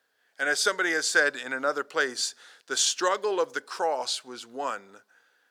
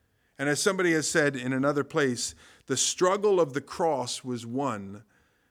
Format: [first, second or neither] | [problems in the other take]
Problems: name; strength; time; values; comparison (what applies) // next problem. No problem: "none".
second | thin; very; fading below 600 Hz